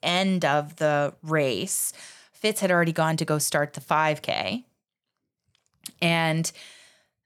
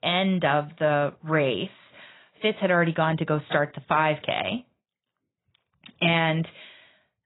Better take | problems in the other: first | garbled, watery; badly; nothing above 4 kHz

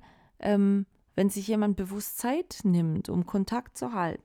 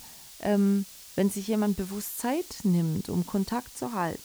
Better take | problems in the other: first | hiss; noticeable; throughout; 15 dB below the speech

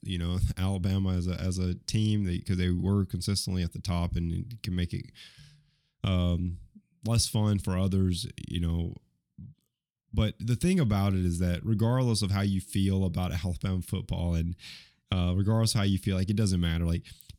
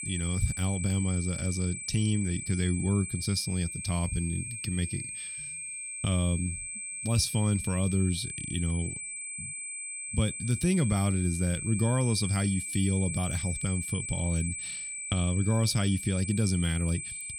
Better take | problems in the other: first | high-pitched whine; loud; throughout; 8 kHz, 6 dB below the speech

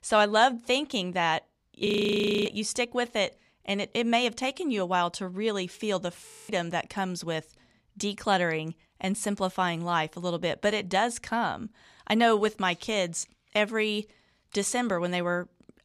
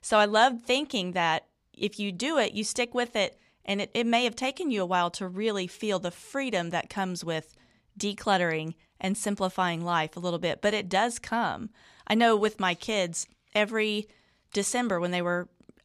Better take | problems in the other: second | audio freezing; at 2 s for 0.5 s and at 6.5 s

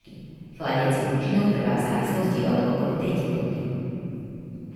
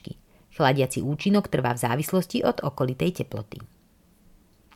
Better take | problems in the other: second | off-mic speech; far // room echo; strong; dies away in 3 s

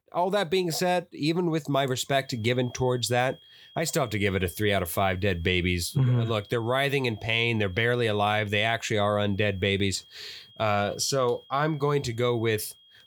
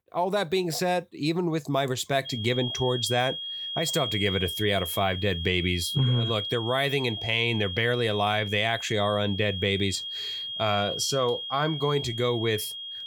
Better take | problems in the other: first | high-pitched whine; loud; from 2.5 s on; 3.5 kHz, 5 dB below the speech; faint in the first

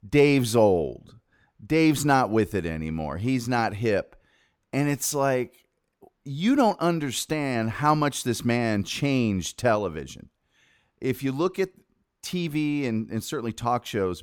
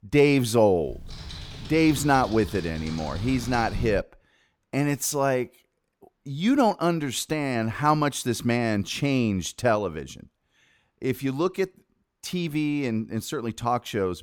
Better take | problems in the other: first | keyboard typing; noticeable; from 1 to 4 s; peak 10 dB below the speech

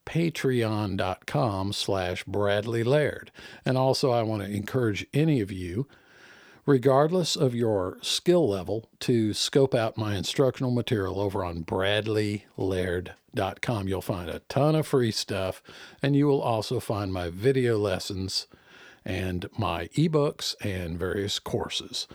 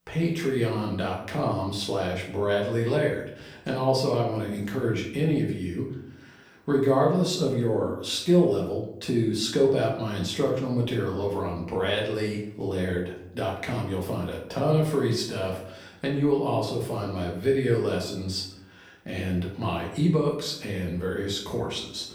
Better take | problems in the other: first | room echo; noticeable; dies away in 0.6 s // off-mic speech; far

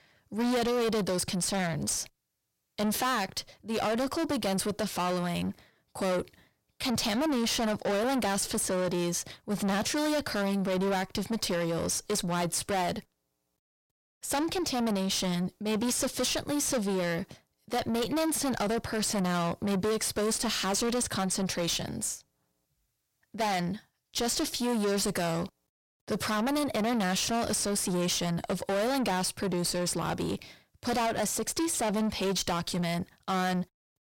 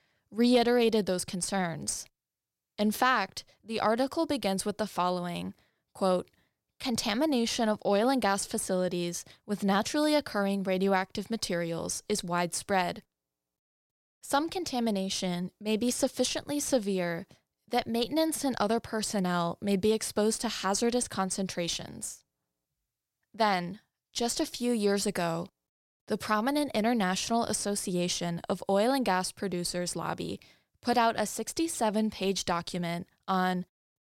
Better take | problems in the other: second | distortion; heavy; 6 dB below the speech

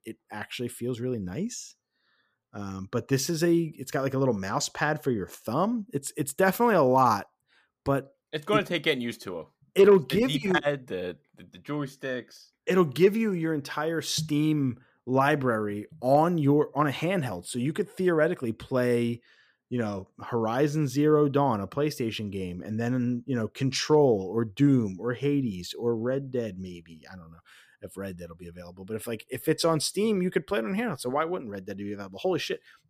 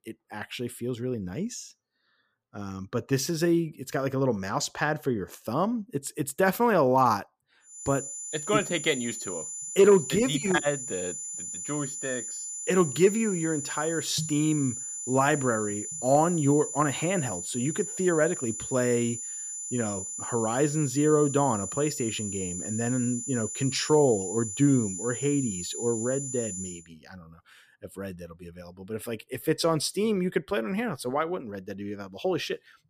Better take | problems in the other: first | high-pitched whine; loud; from 8 to 27 s; 7 kHz, 6 dB below the speech

